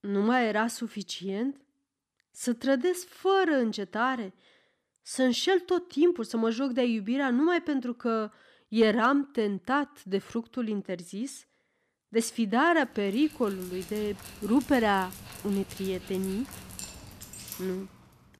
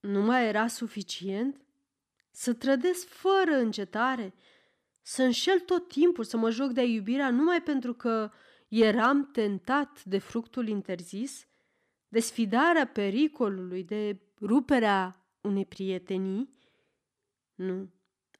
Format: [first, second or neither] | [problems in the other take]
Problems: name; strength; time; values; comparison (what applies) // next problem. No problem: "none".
second | dog barking; faint; from 13 s on; peak 10 dB below the speech